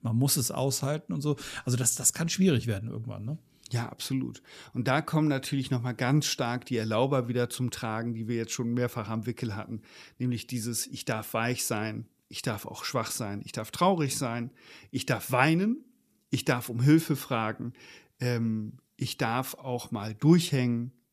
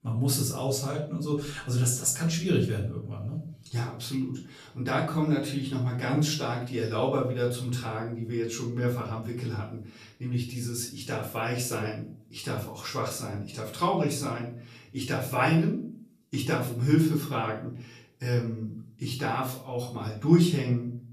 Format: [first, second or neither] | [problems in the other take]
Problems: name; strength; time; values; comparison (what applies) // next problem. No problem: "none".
first | room echo; slight; dies away in 0.4 s // off-mic speech; far